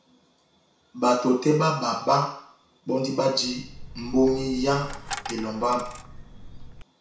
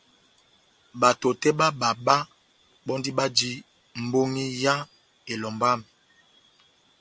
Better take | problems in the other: second | background sound (Coin (dropping)); 12 dB below the speech // room echo; dies away in 0.6 s

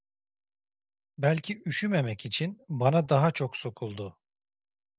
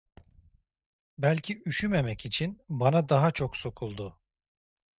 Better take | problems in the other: first | noise reduction (neural mask model RNNoise)

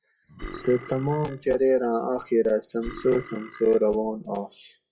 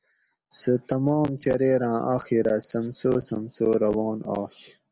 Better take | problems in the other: second | noise reduction (classical method WPE with log-MMSE)

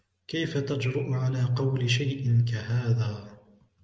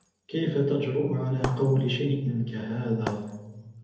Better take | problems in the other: first | background sound (Shatter); 14 dB below the speech // room echo; dies away in 0.6 s

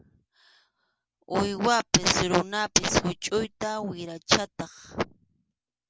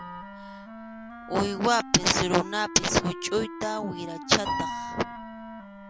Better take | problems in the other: first | background sound (Piano + Wind instrument, woodwind instrument); 10 dB below the speech

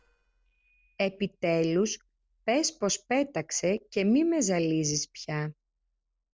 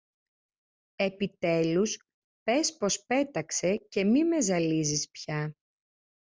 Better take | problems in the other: second | noise reduction (neural separator model SepFormer DNS4)

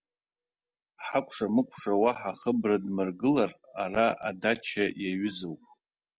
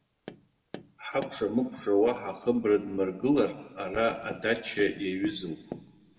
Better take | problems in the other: first | background sound (Tap); 18 dB below the speech // room echo; dies away in 1.2 s

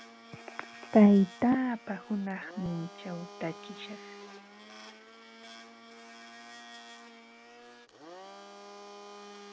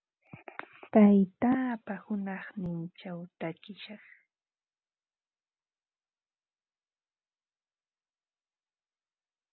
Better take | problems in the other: second | background sound (Domestic sounds, home sounds); 17 dB below the speech

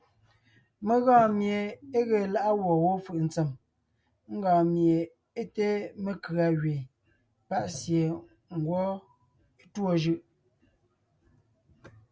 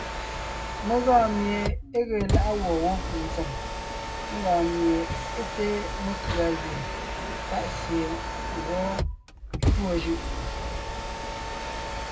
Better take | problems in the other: first | background sound (Mechanisms); 1 dB below the speech // room echo; dies away in 0.2 s

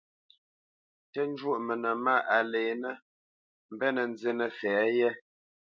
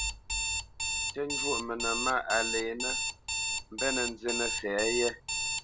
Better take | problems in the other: first | background sound (Alarm); 1 dB above the speech

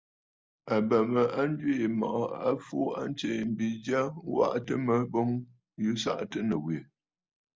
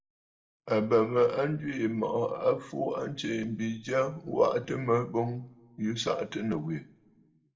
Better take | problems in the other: first | room echo; dies away in 0.4 s

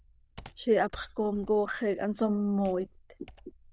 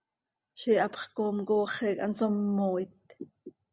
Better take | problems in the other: second | noise reduction (neural diffusion model UNIVERSE++)

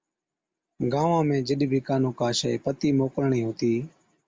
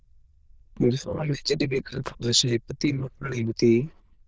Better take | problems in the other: first | noise reduction (neural diffusion model UNIVERSE++)

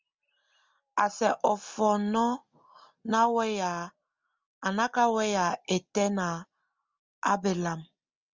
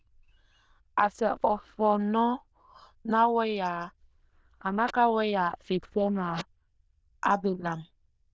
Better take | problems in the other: first | noise reduction (neural diffusion model UNIVERSE++)

